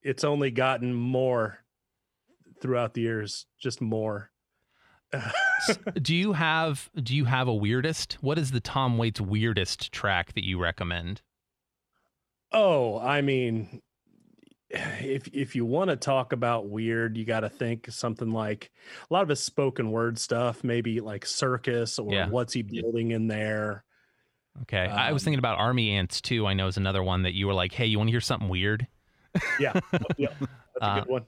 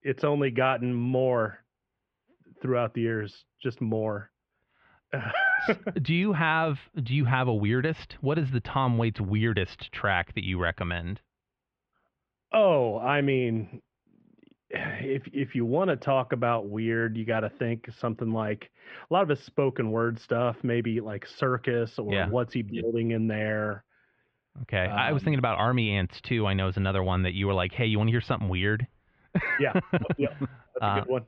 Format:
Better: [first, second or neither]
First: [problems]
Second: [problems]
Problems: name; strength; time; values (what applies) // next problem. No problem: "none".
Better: first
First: none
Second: muffled; very; fading above 3 kHz